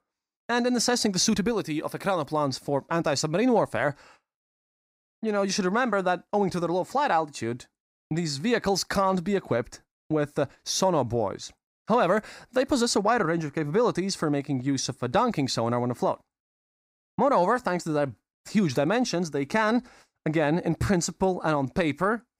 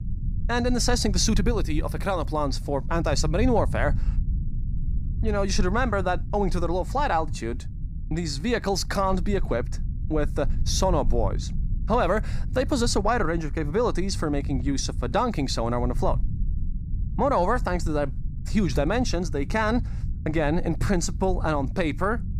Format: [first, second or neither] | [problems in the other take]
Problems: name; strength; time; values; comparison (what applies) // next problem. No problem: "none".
first | low rumble; noticeable; throughout; 20 dB below the speech